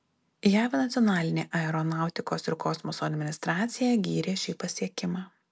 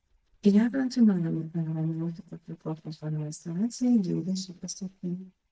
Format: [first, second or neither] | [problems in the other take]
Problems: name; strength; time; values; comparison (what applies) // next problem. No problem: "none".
first | noise reduction (neural mask model DeepFilterNet 3)